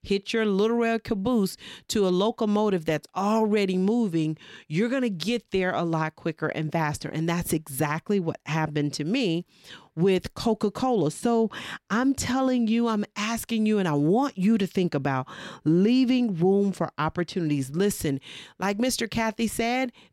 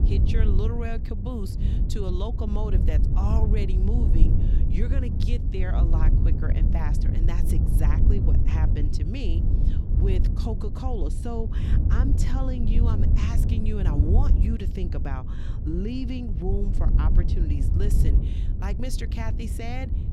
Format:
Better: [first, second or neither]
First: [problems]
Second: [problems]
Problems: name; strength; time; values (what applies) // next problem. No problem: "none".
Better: first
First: none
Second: wind noise on the microphone; heavy; 3 dB below the speech